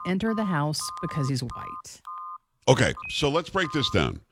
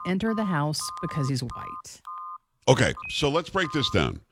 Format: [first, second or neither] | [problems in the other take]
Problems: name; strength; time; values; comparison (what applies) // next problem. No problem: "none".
neither | phone ringing; faint; peak 10 dB below the speech; the same in both